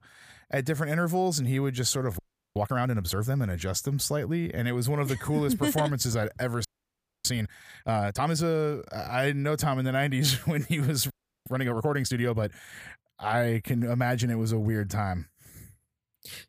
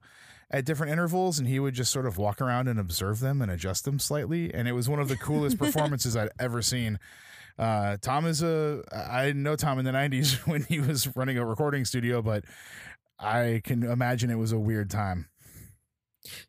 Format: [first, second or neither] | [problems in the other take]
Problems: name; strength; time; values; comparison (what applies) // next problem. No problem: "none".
second | audio freezing; at 2 s, at 6.5 s for 0.5 s and at 11 s